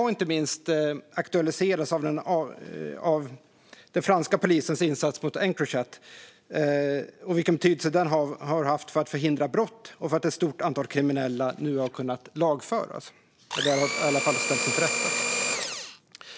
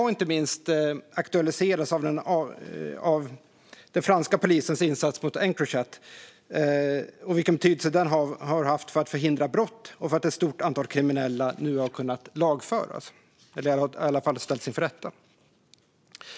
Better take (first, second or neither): second